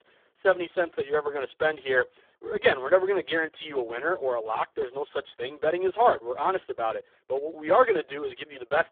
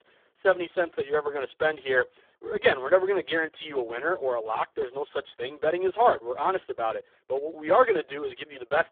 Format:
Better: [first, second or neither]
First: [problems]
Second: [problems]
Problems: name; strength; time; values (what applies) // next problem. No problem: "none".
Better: neither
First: phone-call audio; poor line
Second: phone-call audio; poor line